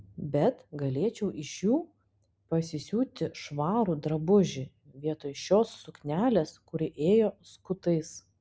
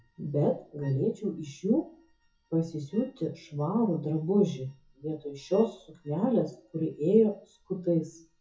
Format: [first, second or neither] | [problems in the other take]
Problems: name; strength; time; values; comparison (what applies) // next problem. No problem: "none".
first | noise reduction (classical method WPE with log-MMSE)